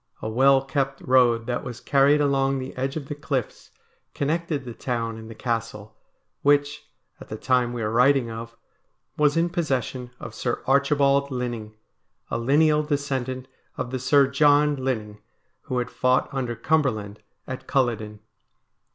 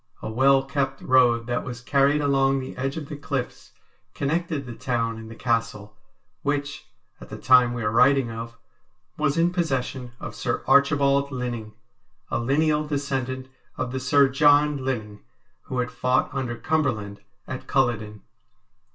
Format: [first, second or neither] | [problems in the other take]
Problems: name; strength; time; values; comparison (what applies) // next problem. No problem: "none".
first | room echo; dies away in 0.1 s